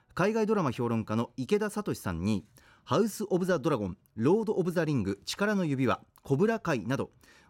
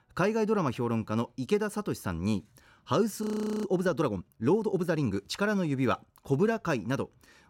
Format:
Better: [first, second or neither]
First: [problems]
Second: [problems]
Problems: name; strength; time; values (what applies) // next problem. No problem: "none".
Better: first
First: none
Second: audio freezing; at 3 s